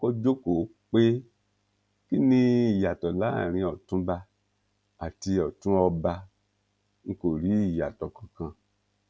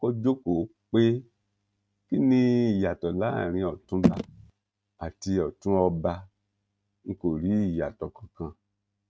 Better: first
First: none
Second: noise reduction (neural mask model RNNoise)

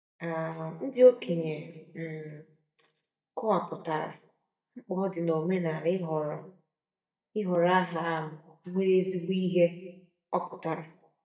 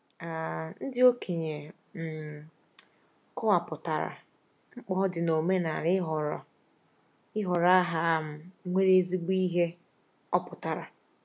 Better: second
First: noise reduction (neural mask model DeepFilterNet 3)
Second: none

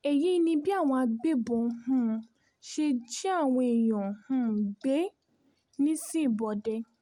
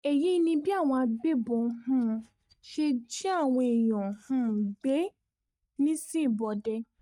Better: first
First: none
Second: noise reduction (neural mask model DeepFilterNet 3)

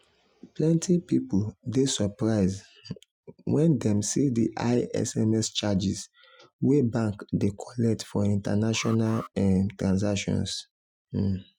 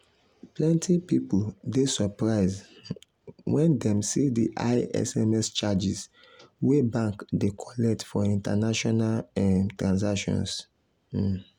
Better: second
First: noise reduction (classical method Wiener filter)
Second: none

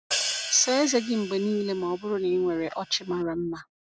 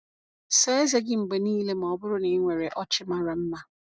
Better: second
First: background sound (Hi-hat); 8 dB below the speech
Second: none

